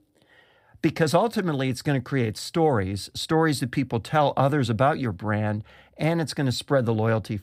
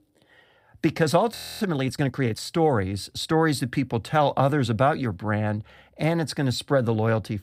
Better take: first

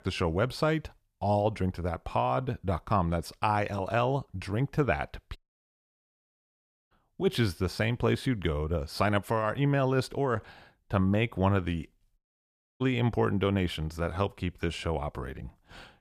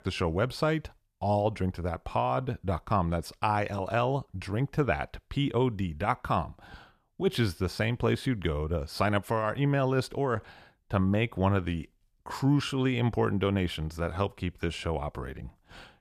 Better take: second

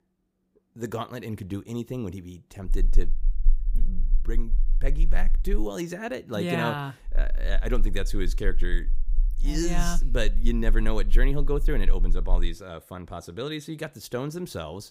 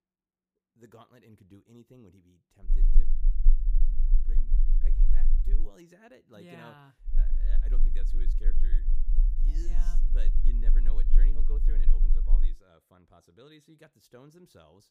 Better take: first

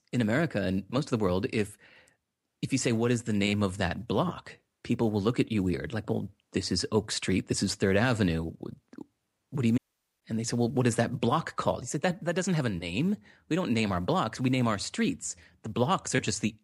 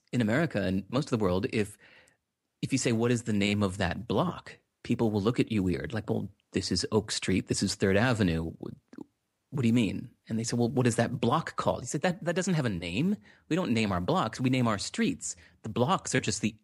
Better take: second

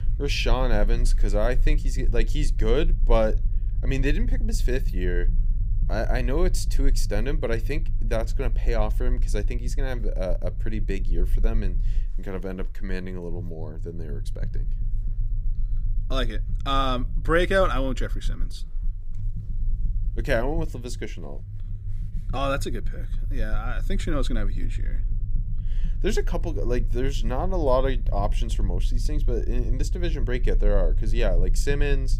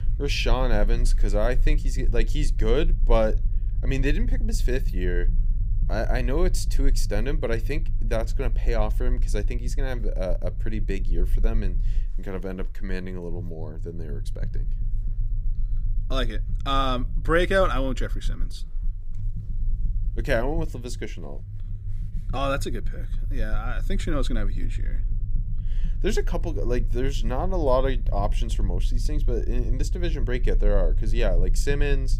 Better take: neither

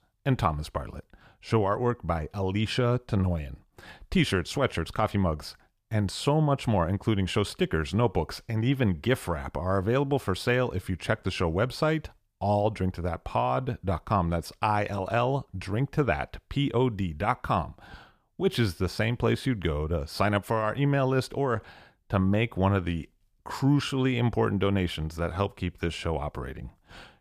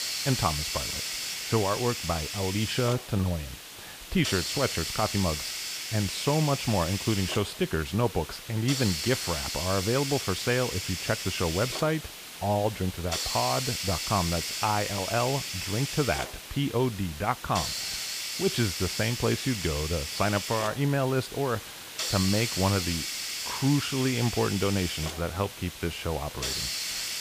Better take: first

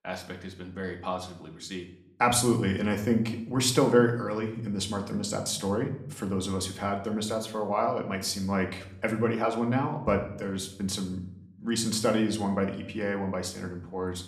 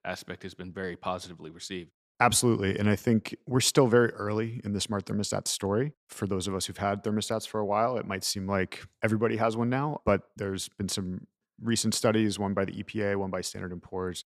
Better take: second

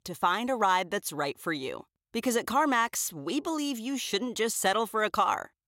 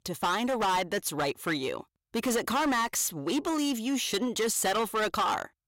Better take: first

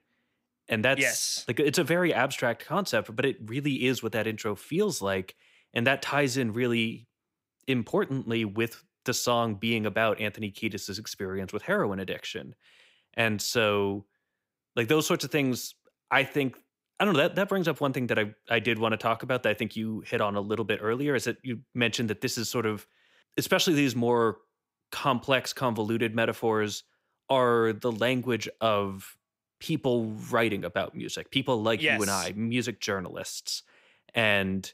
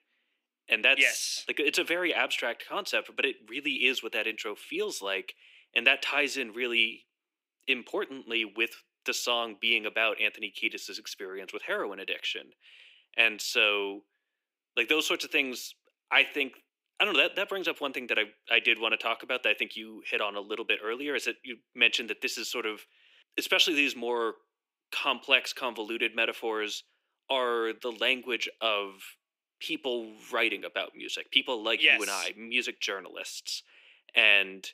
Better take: first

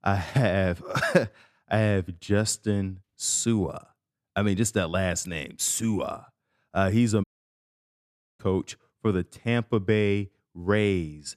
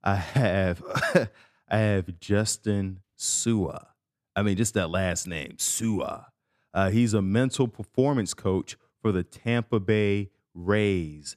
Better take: second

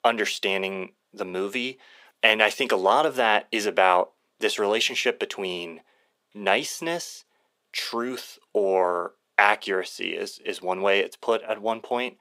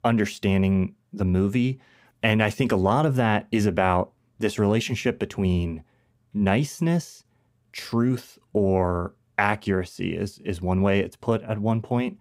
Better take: second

